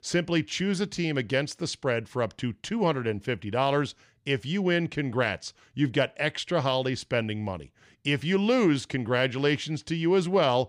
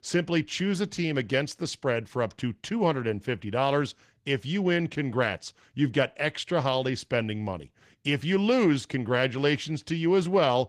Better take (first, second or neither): first